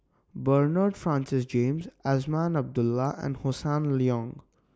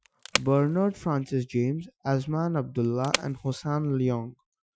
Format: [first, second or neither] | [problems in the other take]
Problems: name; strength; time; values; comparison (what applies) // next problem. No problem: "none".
first | noise reduction (classical method Wiener filter)